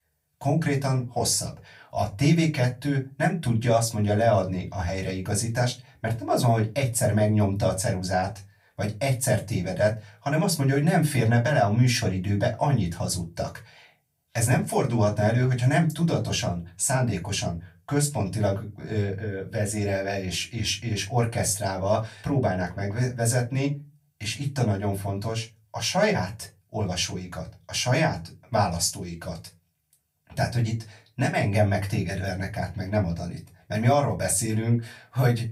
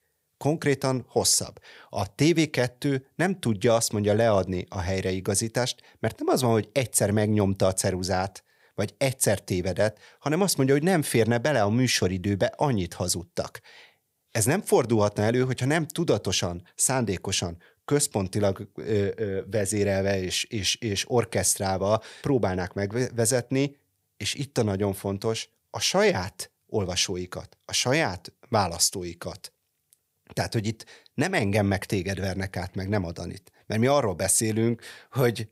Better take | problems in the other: second | off-mic speech; far // room echo; very slight; dies away in 0.2 s

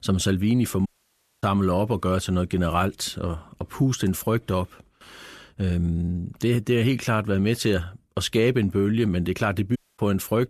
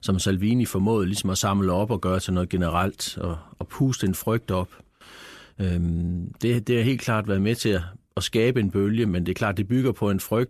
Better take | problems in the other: second | audio cutting out; at 1 s for 0.5 s and at 10 s

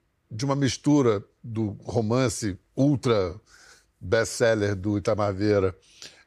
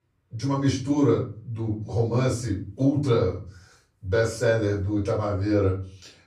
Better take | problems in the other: first | off-mic speech; far // room echo; slight; dies away in 0.4 s

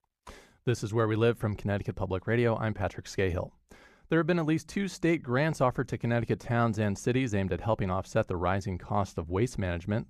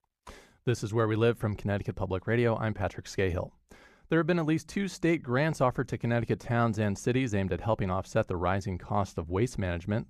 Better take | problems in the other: neither | none

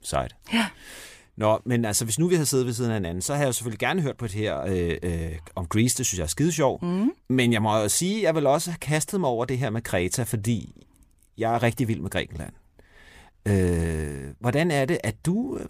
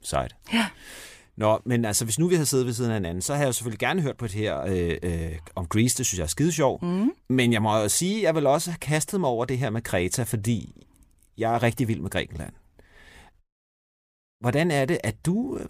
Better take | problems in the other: first | audio cutting out; at 13 s for 1 s

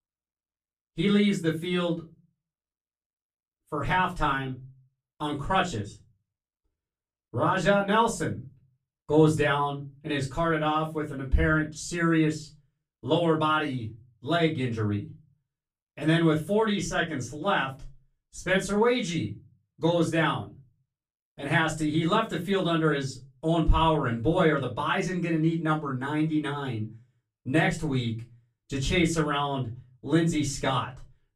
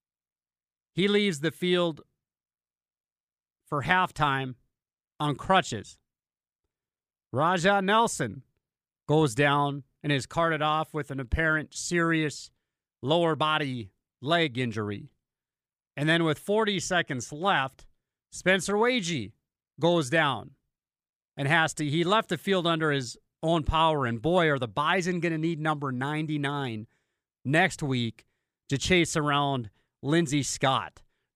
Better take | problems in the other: second | off-mic speech; far // room echo; very slight; dies away in 0.3 s

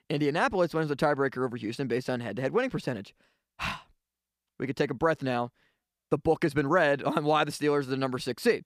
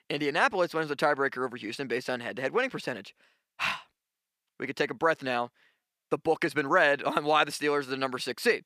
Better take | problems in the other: first | thin; very slightly; fading below 950 Hz

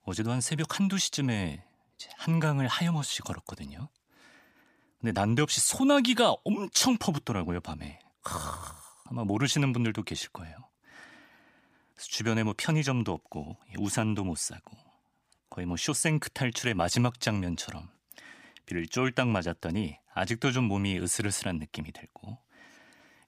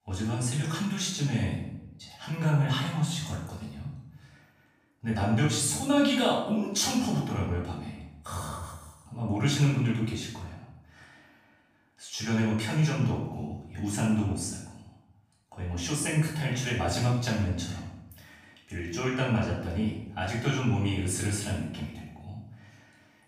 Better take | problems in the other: first | room echo; noticeable; dies away in 0.7 s // off-mic speech; far

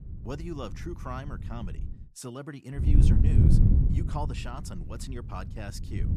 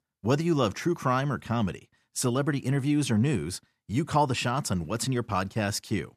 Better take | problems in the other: second | wind noise on the microphone; heavy; until 2 s and from 3 s on; 3 dB above the speech

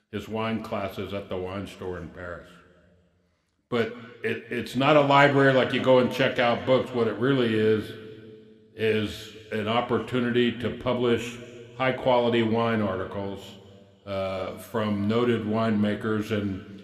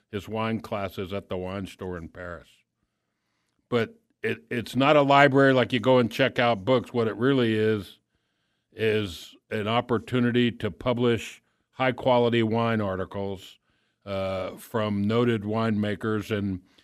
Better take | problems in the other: second | room echo; very slight; dies away in 1.7 s

